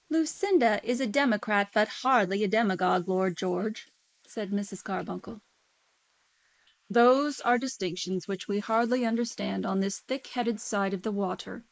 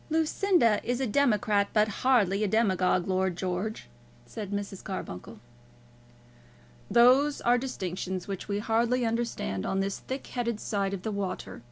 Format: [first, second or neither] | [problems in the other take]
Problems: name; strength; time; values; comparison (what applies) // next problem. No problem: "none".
second | noise reduction (neural mask model Resemble Enhance denoiser)